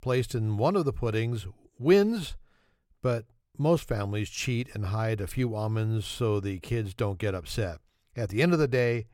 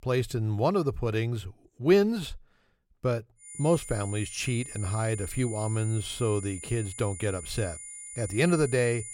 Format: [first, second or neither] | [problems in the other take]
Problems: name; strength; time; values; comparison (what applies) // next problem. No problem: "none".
first | high-pitched whine; noticeable; from 3.5 s on; 9.5 kHz, 10 dB below the speech